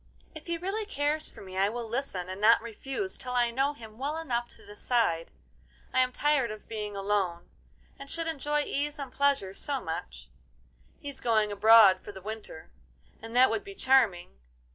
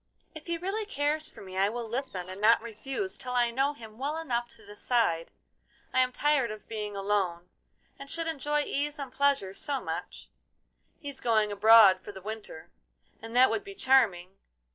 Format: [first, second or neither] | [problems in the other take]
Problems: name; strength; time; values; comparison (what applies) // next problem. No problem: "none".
first | noise reduction (neural separator model SepFormer DNS4)